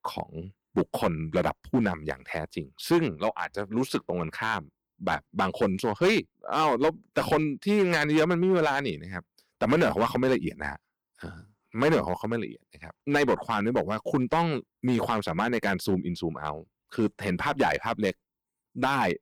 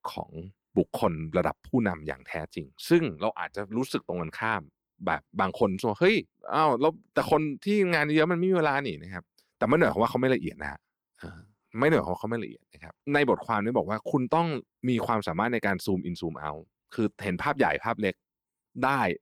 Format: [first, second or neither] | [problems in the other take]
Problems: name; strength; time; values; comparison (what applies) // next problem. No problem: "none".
second | distortion; slight; 4% of the sound clipped